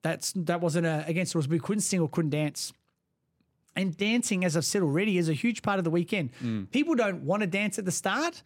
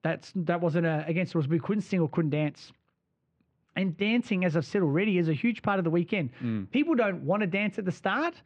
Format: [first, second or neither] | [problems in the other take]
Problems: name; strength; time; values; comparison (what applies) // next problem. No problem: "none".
first | muffled; very; fading above 3 kHz